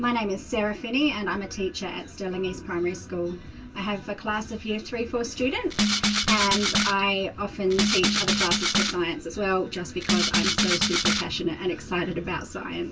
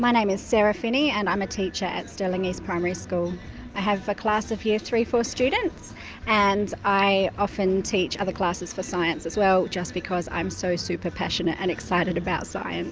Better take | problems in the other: second | background sound (Rattle (instrument)); 4 dB above the speech // room echo; dies away in 0.1 s

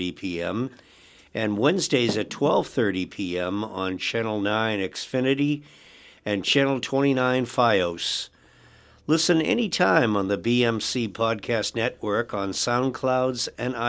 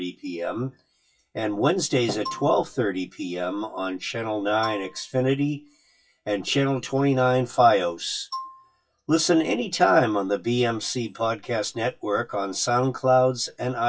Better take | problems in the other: first | noise reduction (classical method WPE with log-MMSE)

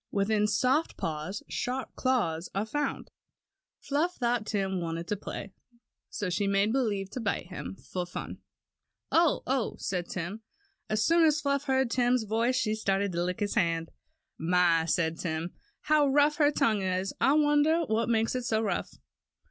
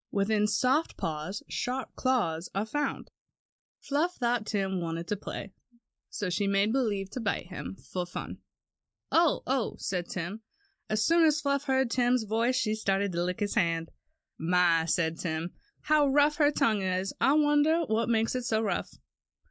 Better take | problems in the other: first | noise reduction (neural mask model Resemble Enhance denoiser)

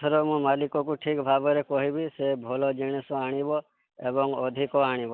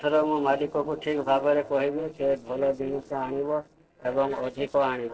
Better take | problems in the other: first | noise reduction (neural separator model SepFormer DNS4)

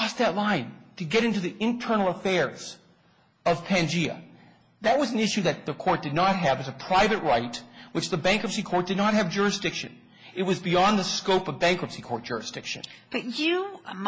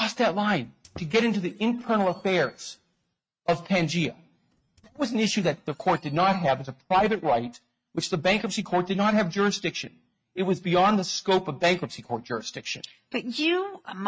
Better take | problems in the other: first | noise reduction (neural mask model RNNoise)

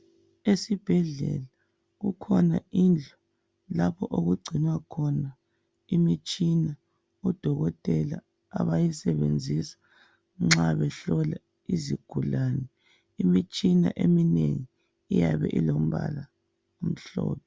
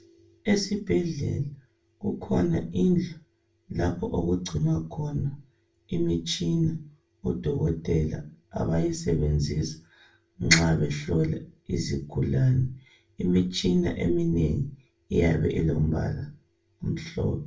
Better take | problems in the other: first | room echo; dies away in 0.3 s

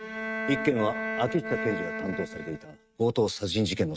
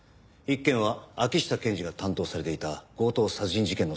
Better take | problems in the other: second | noise reduction (neural mask model RNNoise)

